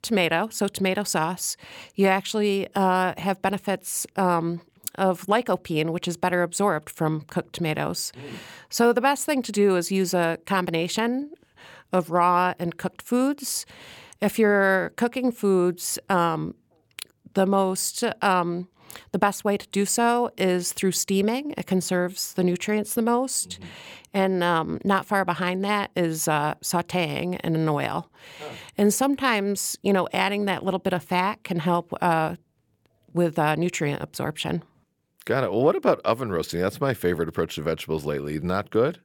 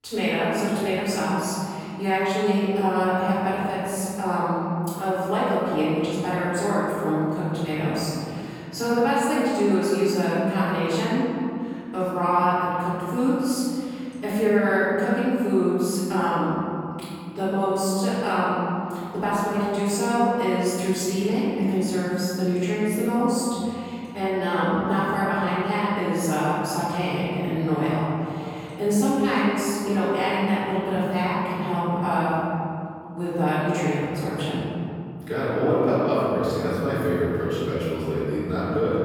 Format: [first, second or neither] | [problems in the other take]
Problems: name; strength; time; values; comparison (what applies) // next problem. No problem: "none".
first | off-mic speech; far // room echo; strong; dies away in 2.9 s